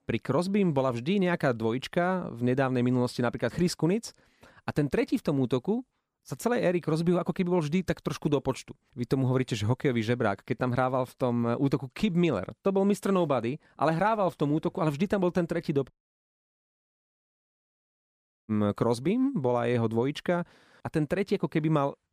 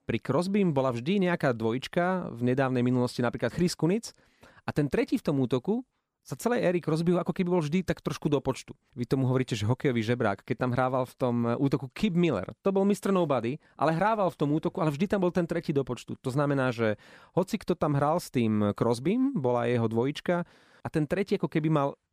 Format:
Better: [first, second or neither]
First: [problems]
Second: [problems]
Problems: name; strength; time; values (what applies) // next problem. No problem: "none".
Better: second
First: audio cutting out; at 16 s for 2.5 s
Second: none